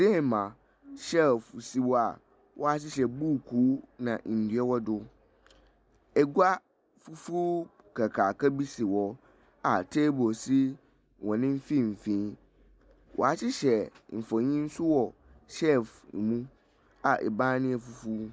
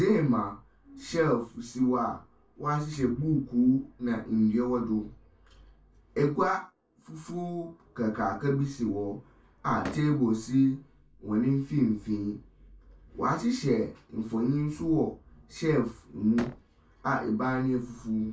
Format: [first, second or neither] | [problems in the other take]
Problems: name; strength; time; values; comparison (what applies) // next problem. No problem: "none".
first | background sound (Slam); 15 dB below the speech // room echo; dies away in 0.2 s